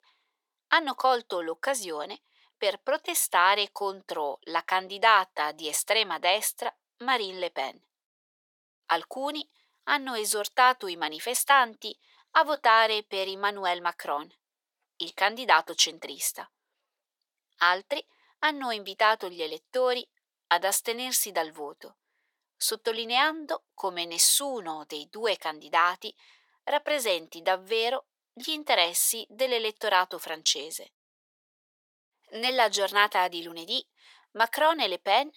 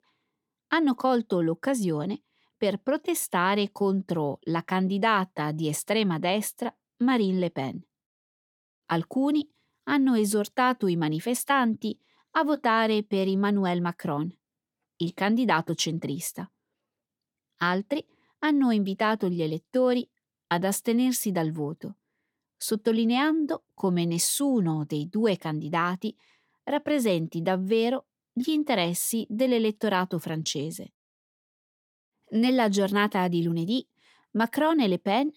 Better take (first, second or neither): second